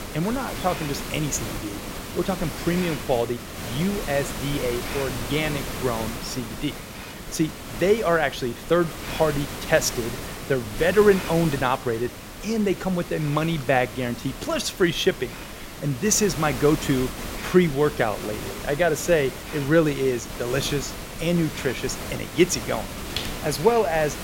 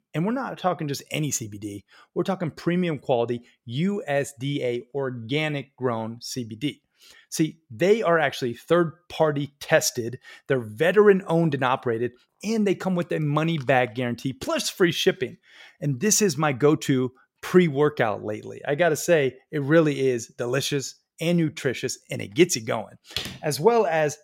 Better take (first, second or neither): second